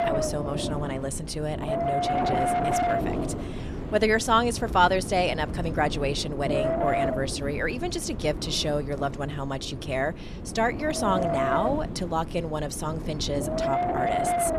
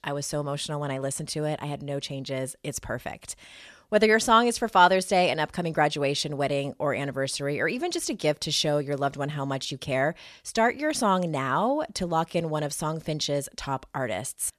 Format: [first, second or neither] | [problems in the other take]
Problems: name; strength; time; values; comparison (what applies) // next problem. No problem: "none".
second | wind noise on the microphone; heavy; 1 dB below the speech